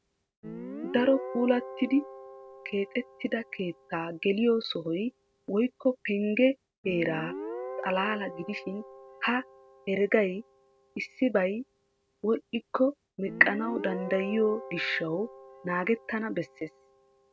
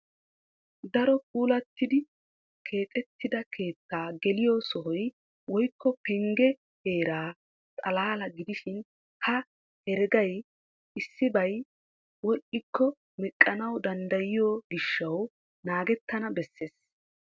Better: second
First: background sound (Guitar); 13 dB below the speech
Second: none

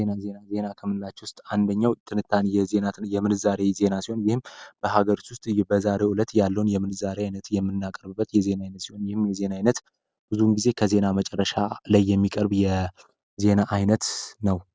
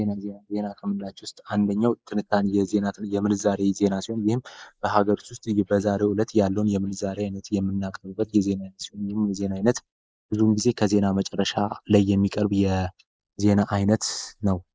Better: first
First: none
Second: noise reduction (neural mask model Resemble Enhance denoiser)

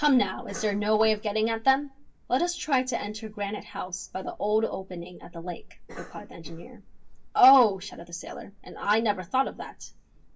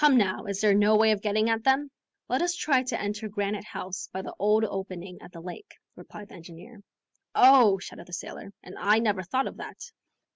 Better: second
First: background sound (Cough); 17 dB below the speech // room echo; dies away in 0.2 s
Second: none

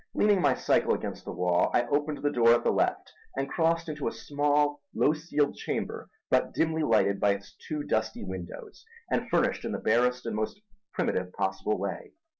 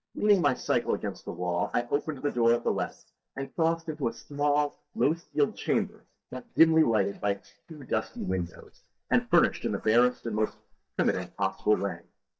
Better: first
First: none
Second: noise reduction (neural mask model DeepFilterNet 3)

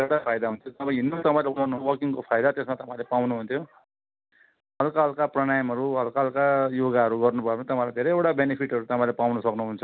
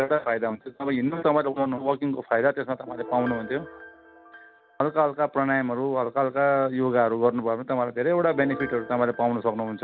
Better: first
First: none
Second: background sound (Piano); 19 dB below the speech

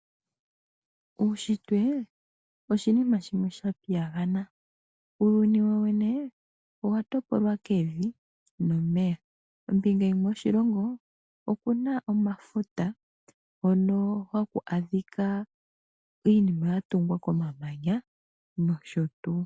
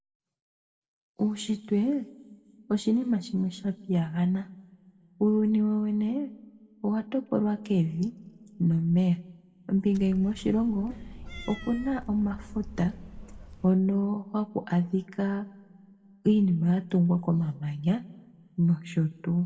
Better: first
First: none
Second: background sound (Cat); 15 dB below the speech // room echo; dies away in 0.9 s

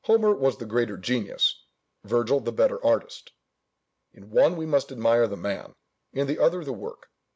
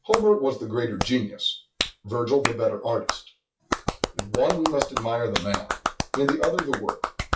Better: first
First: none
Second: noise reduction (classical method WPE with log-MMSE)

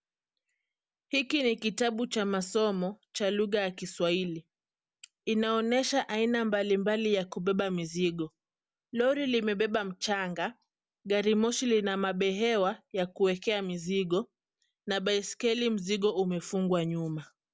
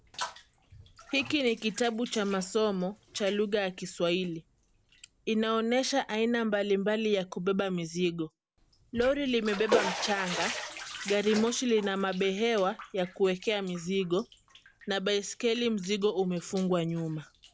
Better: first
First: none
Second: background sound (Bathtub (filling or washing)); 12 dB below the speech

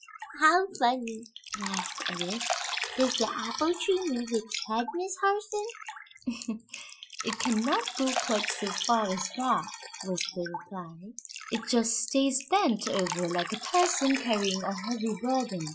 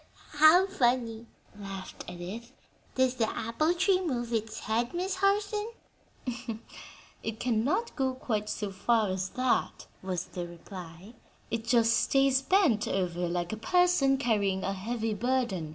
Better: second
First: noise reduction (classical method Wiener filter)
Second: none

